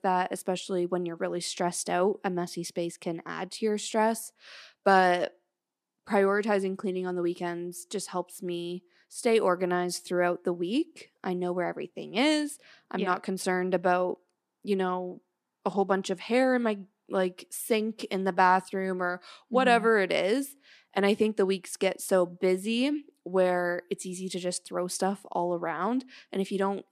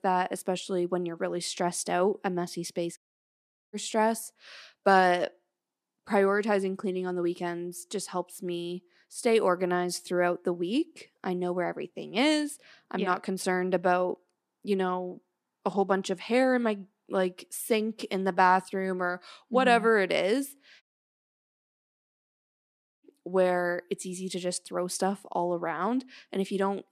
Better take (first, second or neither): first